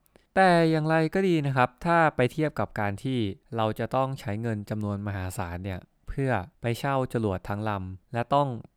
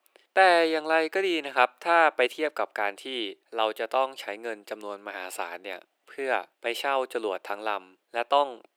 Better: first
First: none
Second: thin; very; fading below 350 Hz

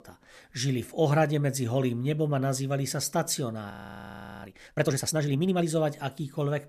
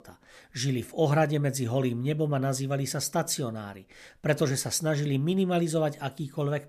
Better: second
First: audio freezing; at 3.5 s for 0.5 s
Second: none

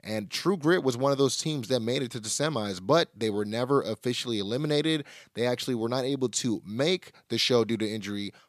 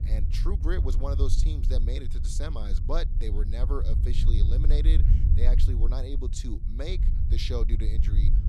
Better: first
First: none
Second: low rumble; loud; throughout; 7 dB below the speech

